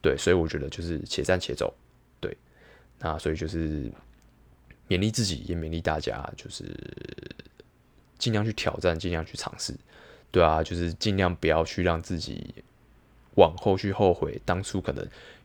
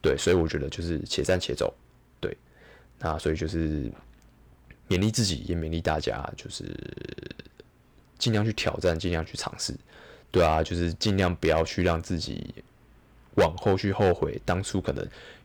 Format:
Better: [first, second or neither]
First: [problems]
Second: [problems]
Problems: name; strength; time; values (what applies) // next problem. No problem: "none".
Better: first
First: none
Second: distortion; slight; 1.7% of the sound clipped